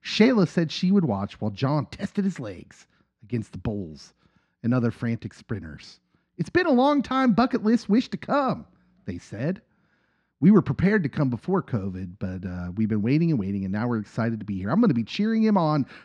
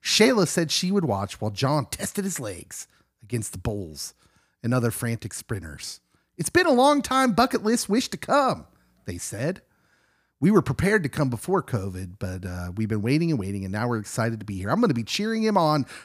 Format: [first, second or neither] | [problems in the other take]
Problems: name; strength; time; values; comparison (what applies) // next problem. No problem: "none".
second | muffled; very slightly; fading above 4 kHz